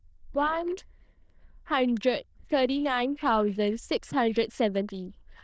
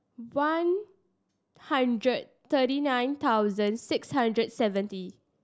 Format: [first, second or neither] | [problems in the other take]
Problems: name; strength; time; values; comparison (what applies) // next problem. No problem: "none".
second | noise reduction (neural diffusion model UNIVERSE++)